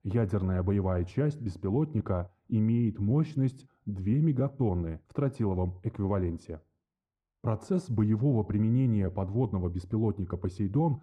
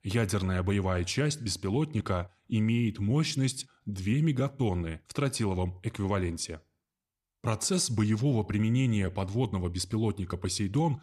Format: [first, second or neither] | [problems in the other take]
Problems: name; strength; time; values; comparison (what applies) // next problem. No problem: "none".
second | muffled; very; fading above 2 kHz